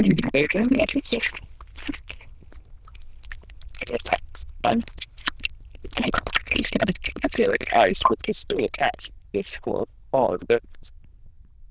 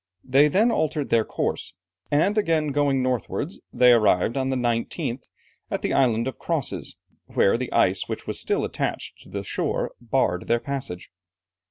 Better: second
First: noise reduction (neural diffusion model UNIVERSE++)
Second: none

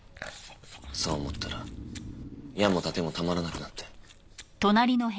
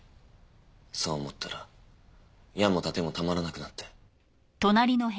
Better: second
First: background sound (Chewing, mastication + Breathing); 12 dB below the speech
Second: none

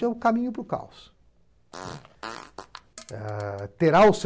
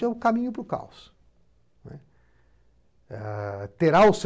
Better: second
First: background sound (Fart); 18 dB below the speech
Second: none

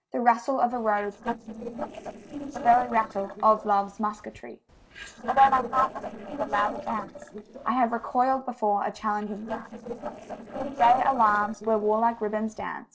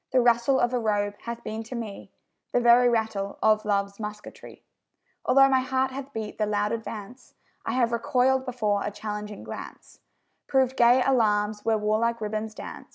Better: second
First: noise reduction (neural separator model SepFormer DNS4)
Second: none

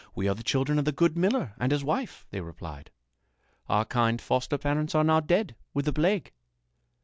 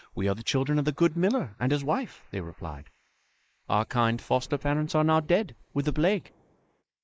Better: first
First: none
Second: noise reduction (neural mask model Resemble Enhance denoiser)

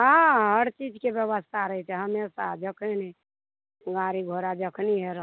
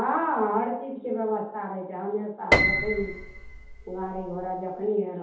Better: first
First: none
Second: background sound (Piano); 1 dB above the speech // room echo; dies away in 0.8 s

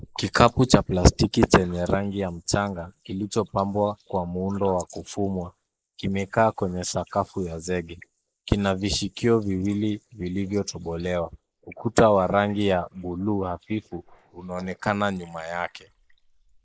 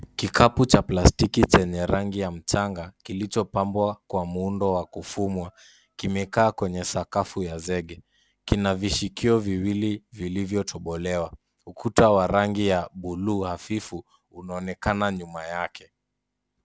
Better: second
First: noise reduction (neural mask model Resemble Enhance denoiser)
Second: none

